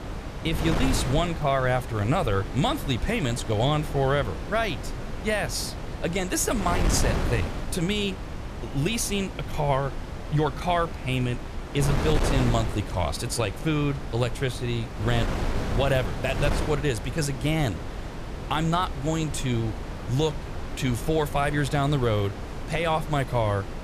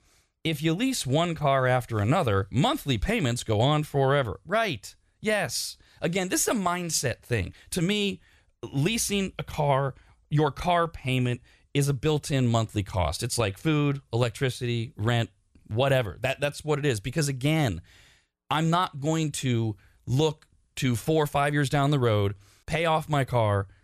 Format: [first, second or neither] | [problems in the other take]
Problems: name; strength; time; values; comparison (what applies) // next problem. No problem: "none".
second | wind noise on the microphone; heavy; 8 dB below the speech